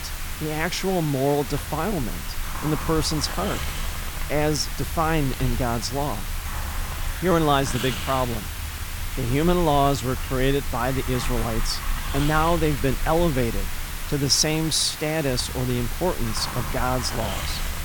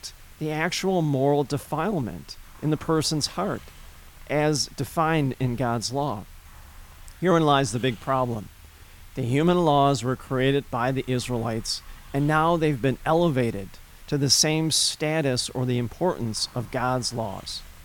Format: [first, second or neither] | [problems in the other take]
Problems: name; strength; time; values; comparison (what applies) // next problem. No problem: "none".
second | hiss; loud; throughout; 6 dB below the speech; faint in the second